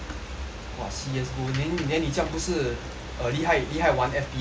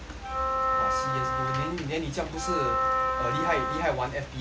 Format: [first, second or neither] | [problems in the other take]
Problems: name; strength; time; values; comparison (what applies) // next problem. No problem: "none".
first | background sound (Wind instrument, woodwind instrument); 3 dB above the speech